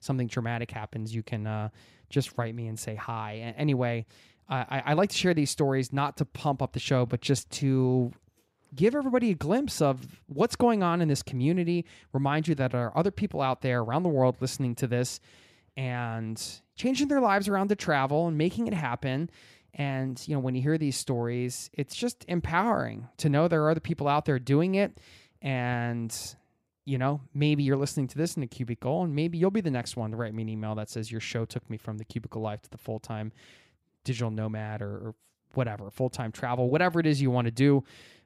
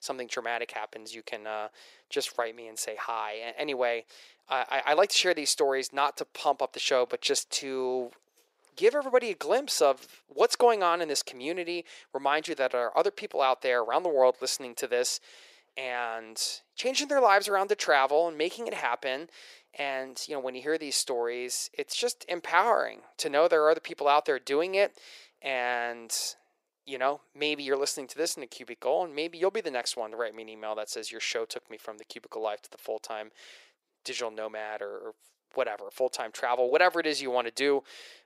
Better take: first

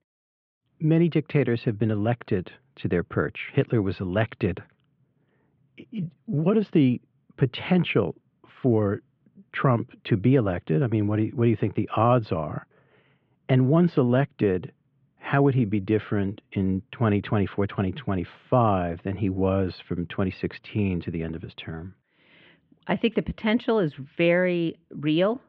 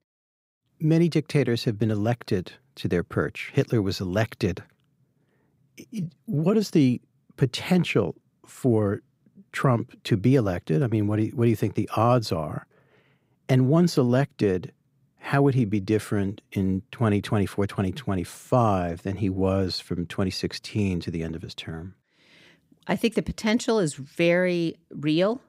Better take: second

